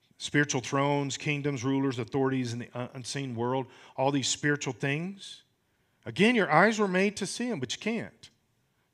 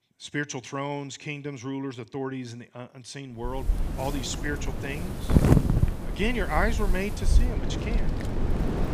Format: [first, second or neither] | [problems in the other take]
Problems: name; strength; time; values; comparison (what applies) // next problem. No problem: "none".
first | wind in the background; very loud; from 3.5 s on; 5 dB above the speech